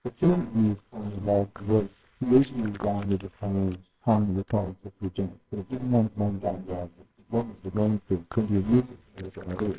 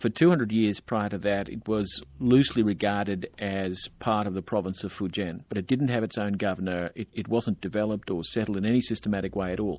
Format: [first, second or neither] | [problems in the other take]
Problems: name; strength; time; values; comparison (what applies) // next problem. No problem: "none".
second | noise reduction (neural separator model SepFormer WHAMR!)